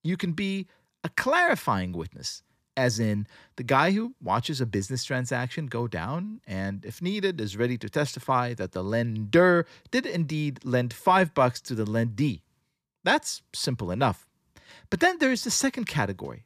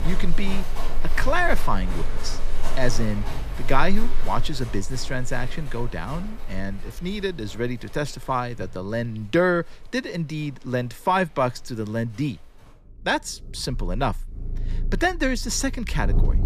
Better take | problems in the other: first | animal sounds; loud; throughout; 6 dB below the speech

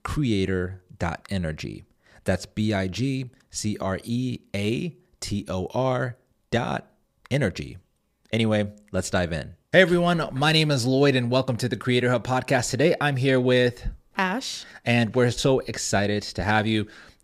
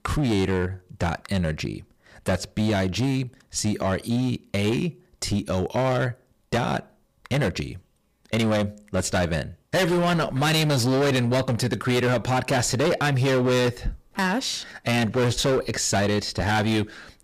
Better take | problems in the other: first | distortion; heavy; 17% of the sound clipped

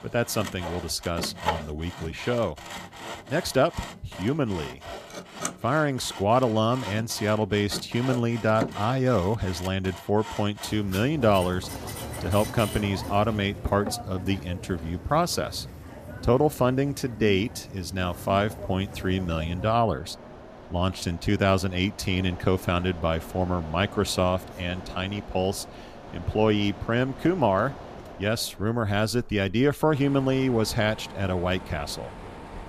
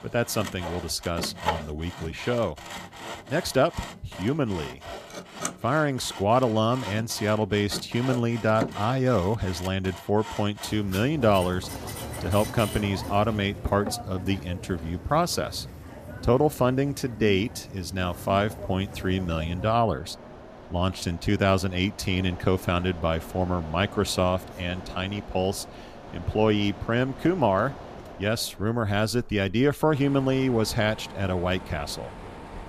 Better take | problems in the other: neither | machinery noise; noticeable; throughout; 15 dB below the speech; the same in both

